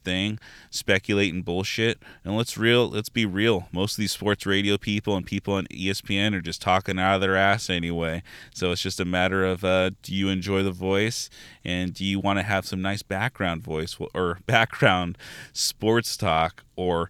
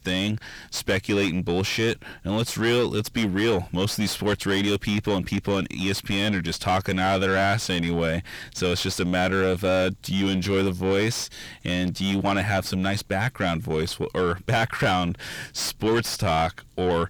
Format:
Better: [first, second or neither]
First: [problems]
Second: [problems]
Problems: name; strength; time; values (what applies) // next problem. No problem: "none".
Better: first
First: none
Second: distortion; heavy; 7 dB below the speech